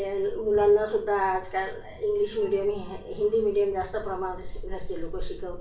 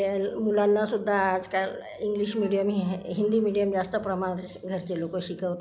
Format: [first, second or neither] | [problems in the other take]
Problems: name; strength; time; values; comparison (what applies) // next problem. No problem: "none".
second | background sound (Thunder); 10 dB below the speech // room echo; dies away in 0.3 s